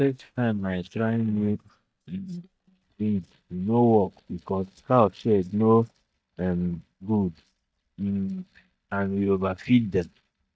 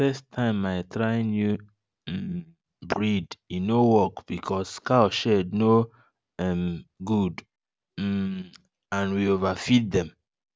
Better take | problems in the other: second | noise reduction (neural mask model DeepFilterNet 3)

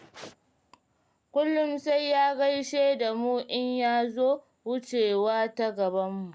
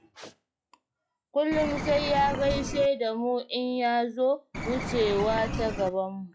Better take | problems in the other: first | noise reduction (classical method log-MMSE)

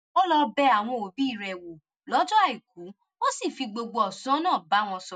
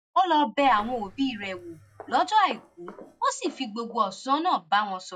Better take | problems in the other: first | noise reduction (classical method log-MMSE)

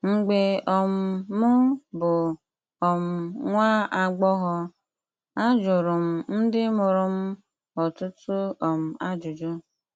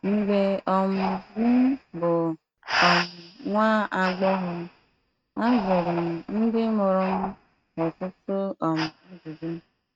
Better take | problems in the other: first | noise reduction (neural mask model RNNoise)

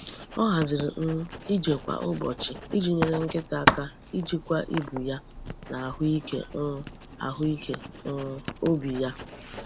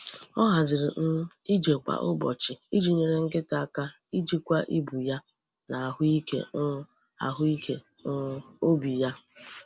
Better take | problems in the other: second | background sound (Writing); 6 dB below the speech

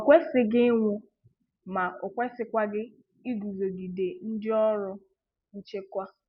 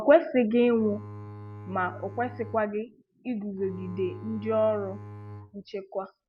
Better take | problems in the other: first | background sound (Bowed string instrument); 15 dB below the speech

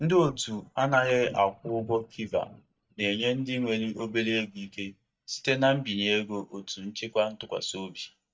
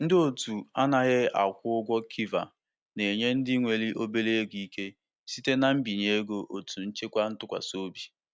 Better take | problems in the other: second | noise reduction (neural mask model DeepFilterNet 3)

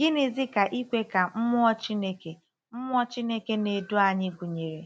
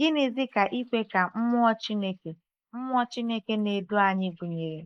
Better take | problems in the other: first | noise reduction (neural mask model Resemble Enhance denoiser)

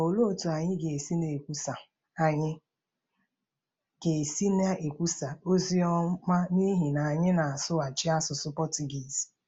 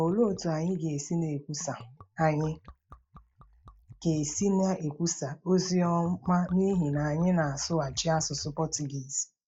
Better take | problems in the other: first | noise reduction (neural mask model DeepFilterNet 3)

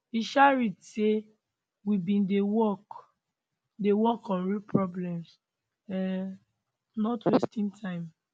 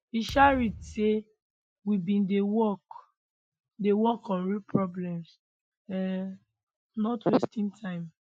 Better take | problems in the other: first | noise reduction (classical method Wiener filter)

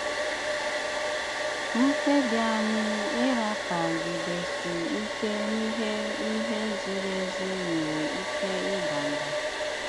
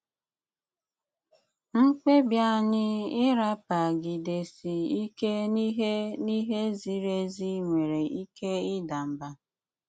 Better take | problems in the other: second | background sound (Domestic sounds, home sounds); as loud as the speech

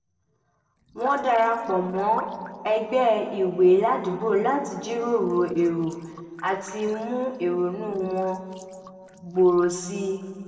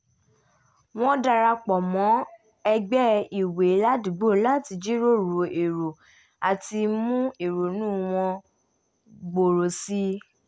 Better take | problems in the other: second | noise reduction (neural separator model SepFormer DNS4)

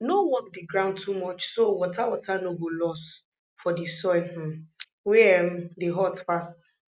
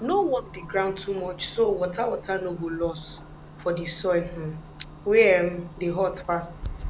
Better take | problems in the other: first | background sound (Clock); 15 dB below the speech

